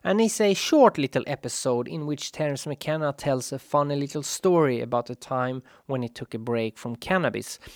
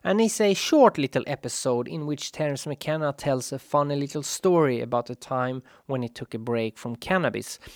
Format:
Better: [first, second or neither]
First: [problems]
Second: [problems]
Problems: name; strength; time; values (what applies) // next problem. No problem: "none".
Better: neither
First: none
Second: none